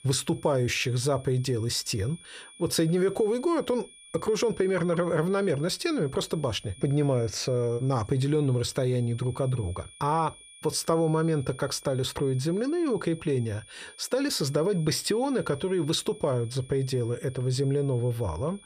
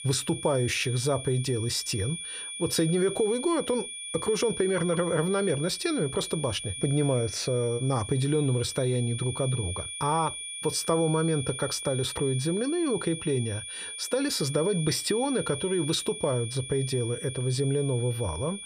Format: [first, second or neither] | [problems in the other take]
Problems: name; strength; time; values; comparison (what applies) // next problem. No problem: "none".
first | high-pitched whine; loud; throughout; 9.5 kHz, 8 dB below the speech; faint in the first